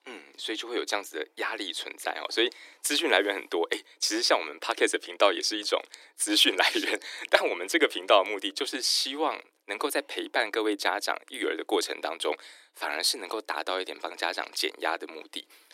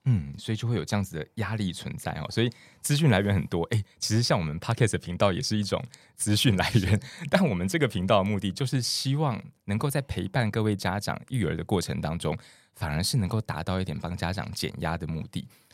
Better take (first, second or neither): second